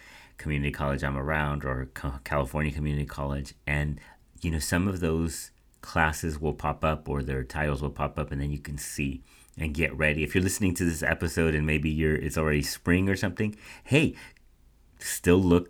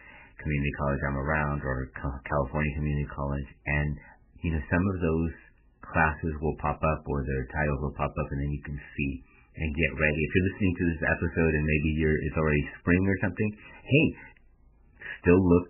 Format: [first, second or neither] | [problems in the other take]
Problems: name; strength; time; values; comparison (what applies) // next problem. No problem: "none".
first | garbled, watery; badly; nothing above 3 kHz